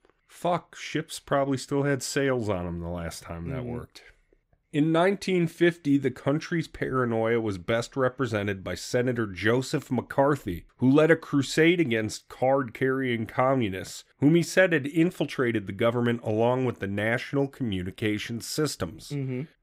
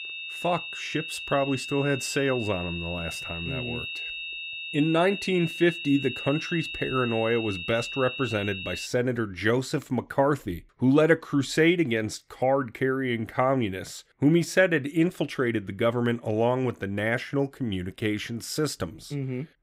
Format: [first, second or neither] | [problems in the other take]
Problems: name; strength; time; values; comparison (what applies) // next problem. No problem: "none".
first | high-pitched whine; loud; until 9 s; 2.5 kHz, 7 dB below the speech